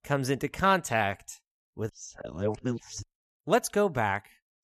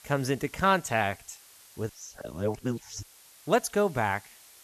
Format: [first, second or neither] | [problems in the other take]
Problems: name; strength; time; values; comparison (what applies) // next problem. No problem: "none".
first | hiss; faint; throughout; 25 dB below the speech